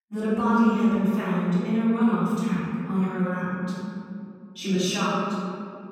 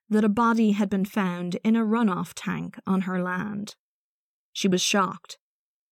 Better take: second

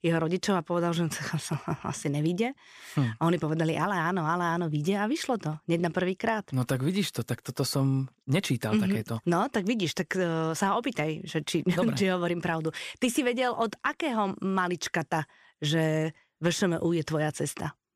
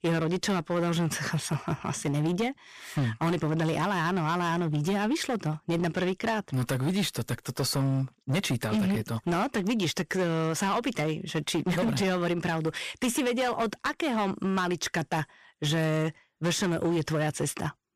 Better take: first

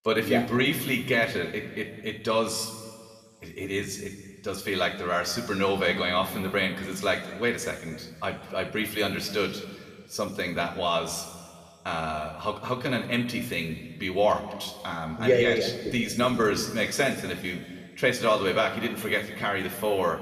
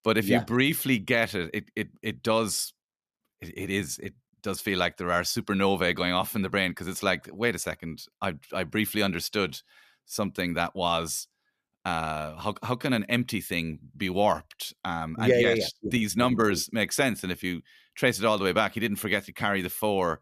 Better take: second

